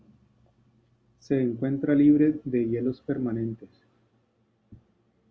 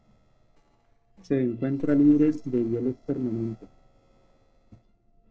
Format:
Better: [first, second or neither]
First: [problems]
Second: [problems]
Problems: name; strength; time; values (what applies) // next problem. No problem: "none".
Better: first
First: none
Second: noise reduction (neural separator model SepFormer DNS4)